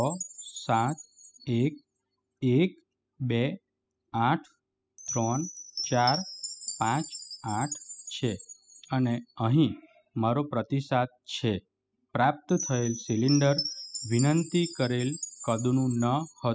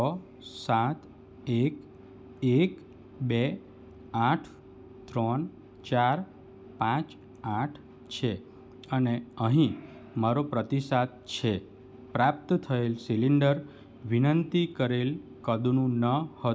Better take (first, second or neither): second